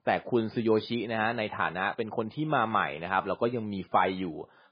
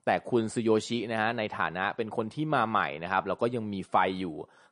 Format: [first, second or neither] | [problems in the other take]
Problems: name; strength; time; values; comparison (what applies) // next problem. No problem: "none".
second | garbled, watery; badly; nothing above 4 kHz; slightly in the second